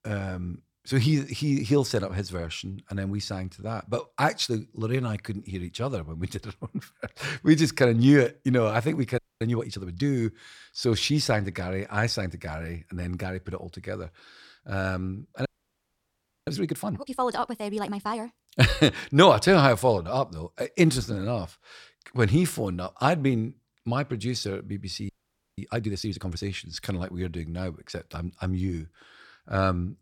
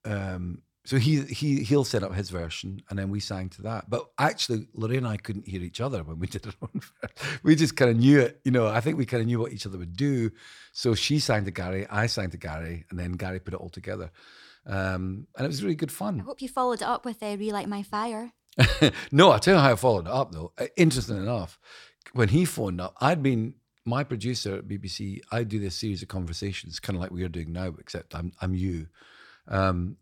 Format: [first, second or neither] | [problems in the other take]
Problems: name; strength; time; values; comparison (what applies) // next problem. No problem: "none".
second | audio freezing; at 9 s, at 15 s for 1 s and at 25 s